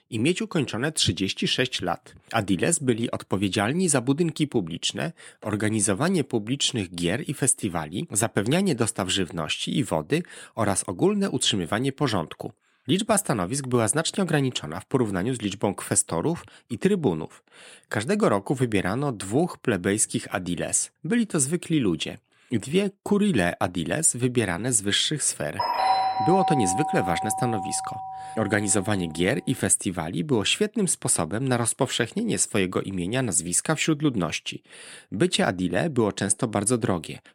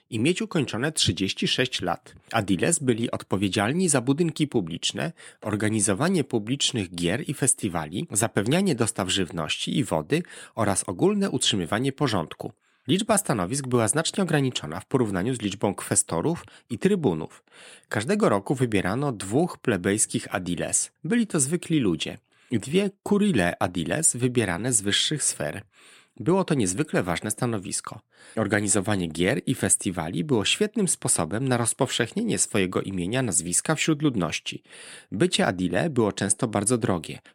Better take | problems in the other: second | doorbell; loud; from 26 to 28 s; peak 2 dB above the speech

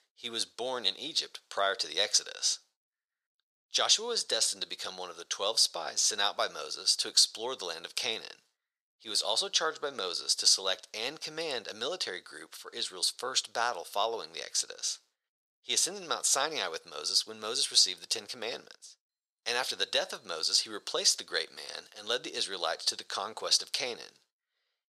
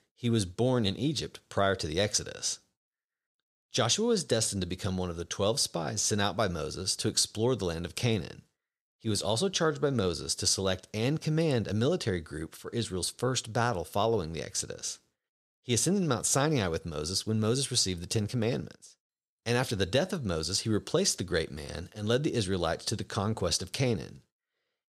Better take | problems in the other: second | thin; very; fading below 750 Hz

